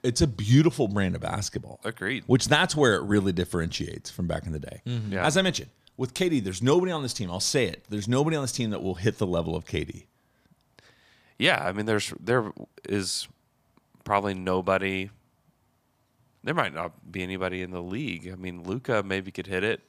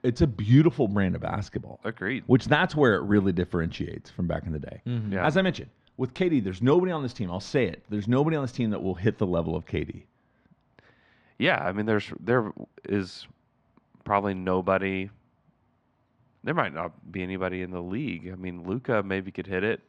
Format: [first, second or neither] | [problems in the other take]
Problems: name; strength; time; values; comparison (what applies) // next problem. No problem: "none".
first | muffled; slightly; fading above 2.5 kHz